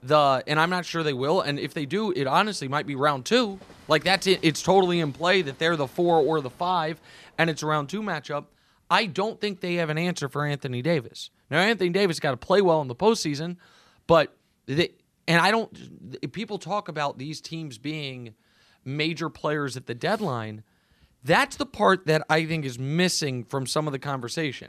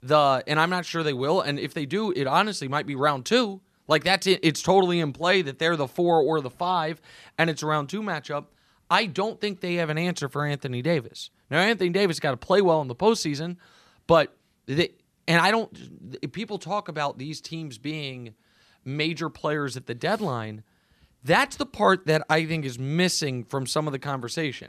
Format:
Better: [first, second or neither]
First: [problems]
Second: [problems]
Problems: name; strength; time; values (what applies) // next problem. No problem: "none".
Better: second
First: train or aircraft noise; faint; until 8 s; 25 dB below the speech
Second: none